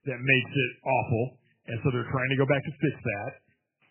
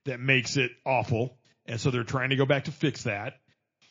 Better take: second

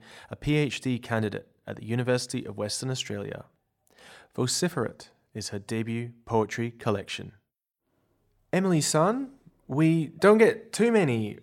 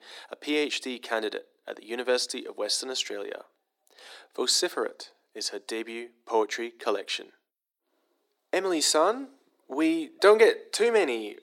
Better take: first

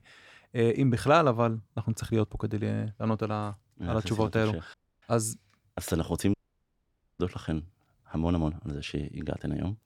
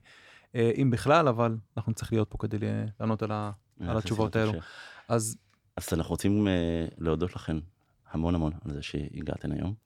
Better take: second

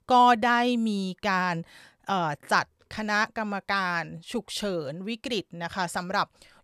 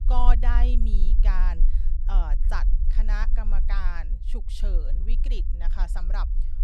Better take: first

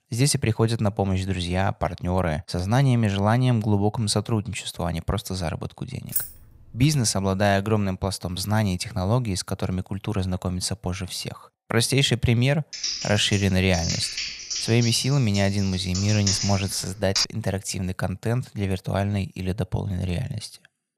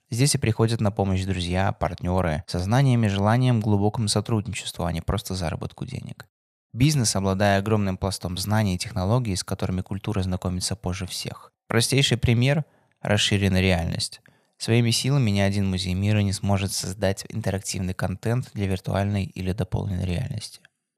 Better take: second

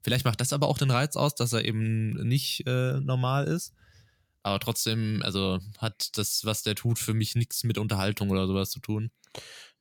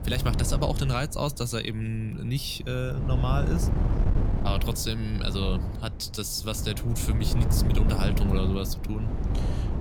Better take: first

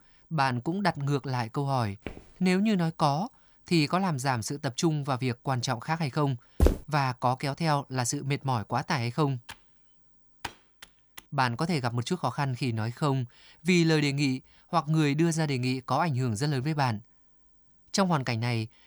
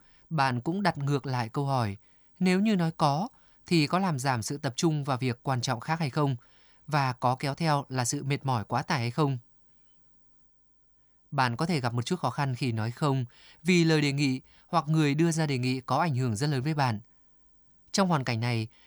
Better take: second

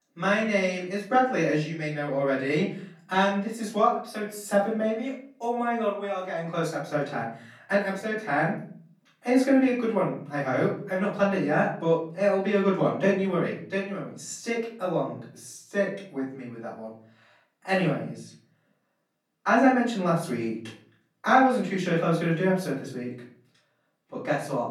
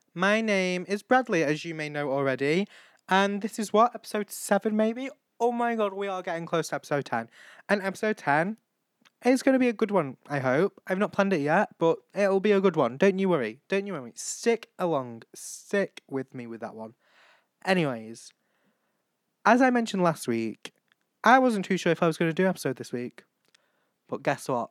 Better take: second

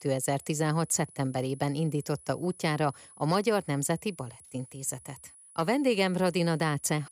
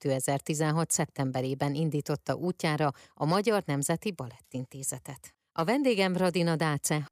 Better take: second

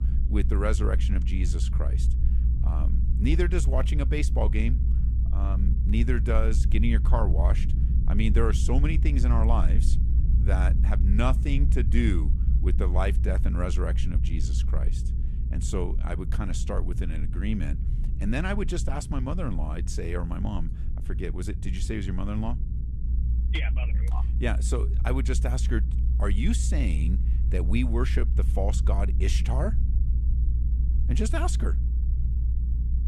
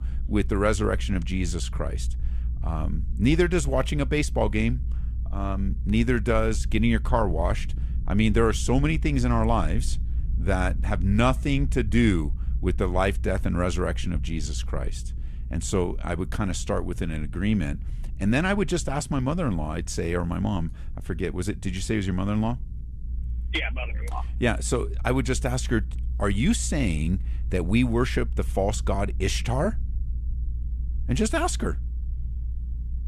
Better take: second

